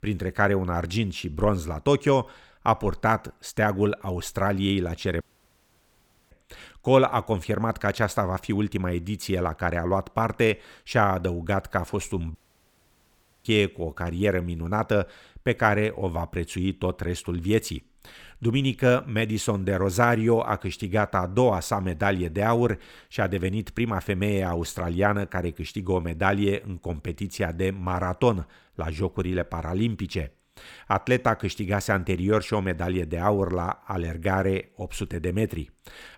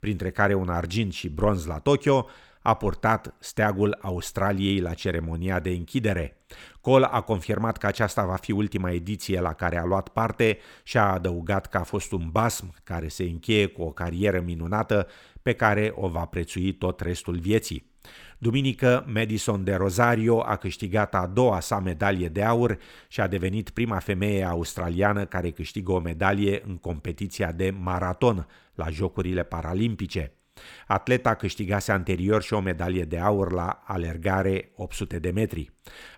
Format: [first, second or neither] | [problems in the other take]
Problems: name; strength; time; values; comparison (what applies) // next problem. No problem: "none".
second | audio cutting out; at 5 s for 1 s and at 12 s for 1 s